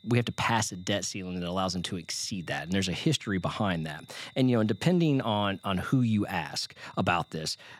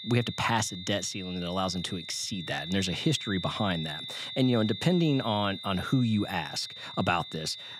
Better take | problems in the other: first | high-pitched whine; loud; throughout; 3.5 kHz, 9 dB below the speech; faint in the first

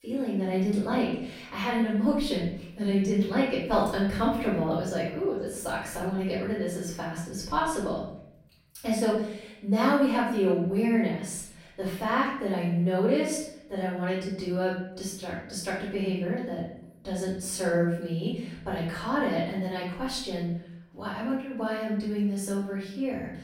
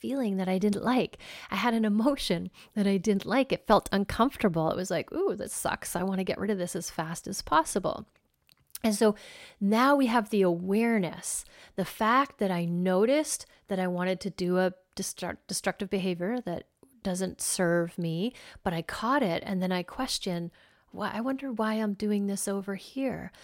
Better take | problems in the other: second | room echo; noticeable; dies away in 0.8 s // off-mic speech; far

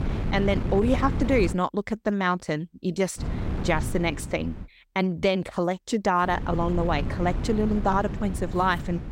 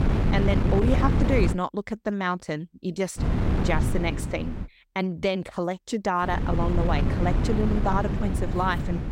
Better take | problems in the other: first | wind noise on the microphone; heavy; until 1.5 s, from 3 to 4.5 s and from 6 s on; 5 dB below the speech; occasional gusts in the first

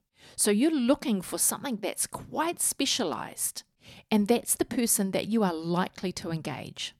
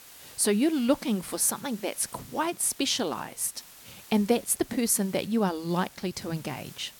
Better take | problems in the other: first | hiss; faint; throughout; 20 dB below the speech

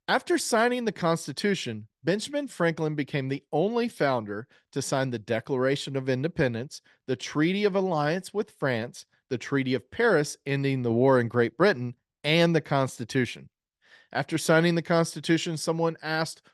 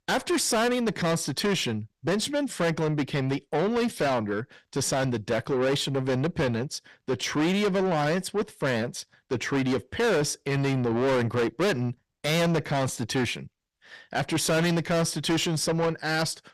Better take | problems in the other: first | distortion; heavy; 6 dB below the speech

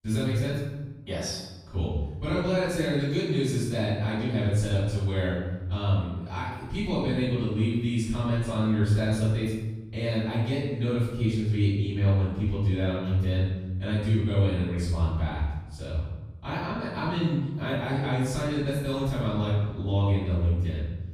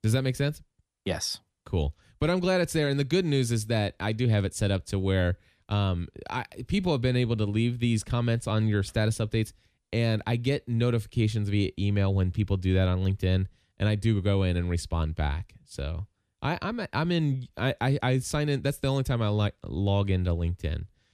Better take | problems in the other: second | off-mic speech; far // room echo; strong; dies away in 1 s

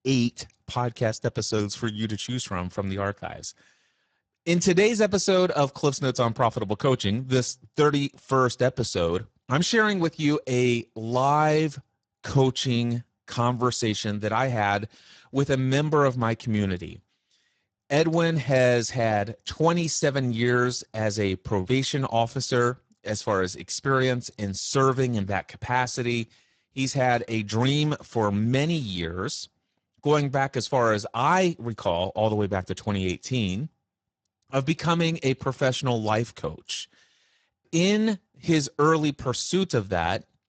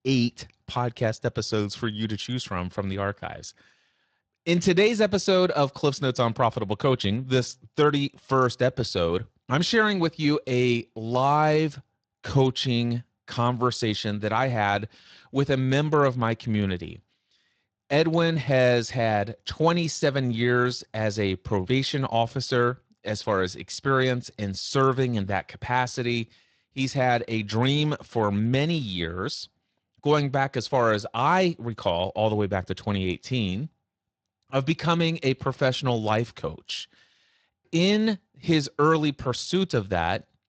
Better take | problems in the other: second | garbled, watery; badly; nothing above 7.5 kHz; slightly in the second

